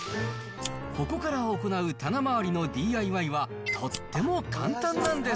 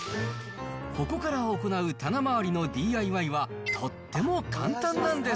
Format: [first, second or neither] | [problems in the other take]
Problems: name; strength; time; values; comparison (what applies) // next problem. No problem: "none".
second | background sound (Piano + Fire); 17 dB below the speech